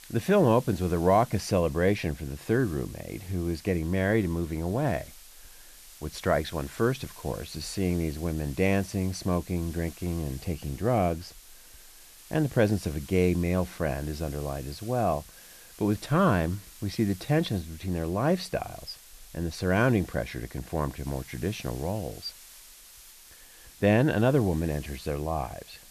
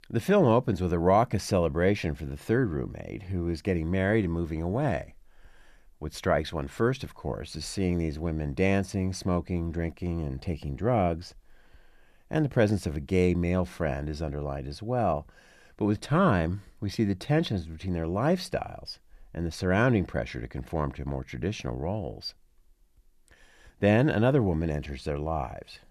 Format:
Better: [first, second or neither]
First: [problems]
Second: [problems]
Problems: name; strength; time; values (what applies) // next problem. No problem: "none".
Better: second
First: hiss; noticeable; throughout; 20 dB below the speech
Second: none